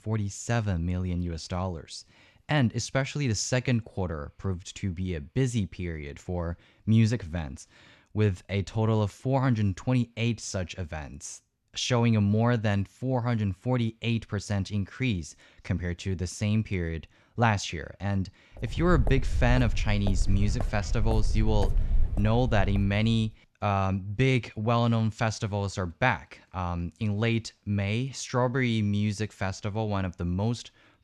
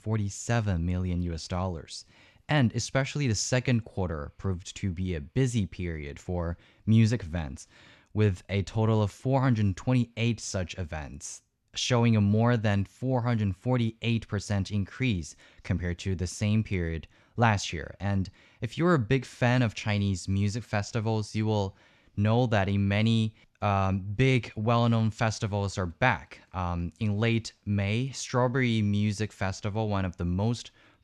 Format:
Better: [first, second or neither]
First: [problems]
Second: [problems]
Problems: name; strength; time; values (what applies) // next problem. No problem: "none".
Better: second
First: footsteps; noticeable; from 19 to 23 s; peak 1 dB below the speech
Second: none